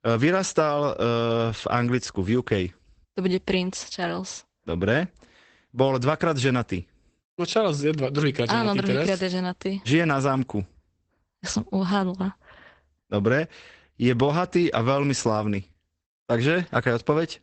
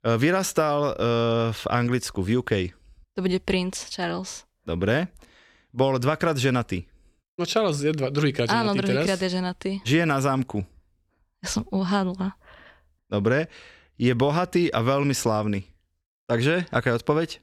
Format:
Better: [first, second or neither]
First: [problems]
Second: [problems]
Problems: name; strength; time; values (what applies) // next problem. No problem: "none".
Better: second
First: garbled, watery; badly; nothing above 8 kHz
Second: none